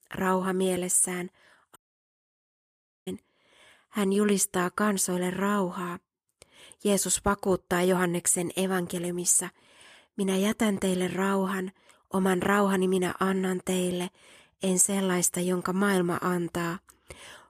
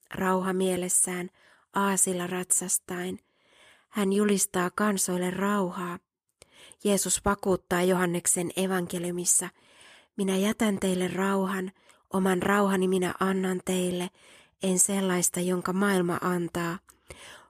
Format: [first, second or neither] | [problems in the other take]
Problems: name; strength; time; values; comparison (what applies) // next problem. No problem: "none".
second | audio cutting out; at 2 s for 1.5 s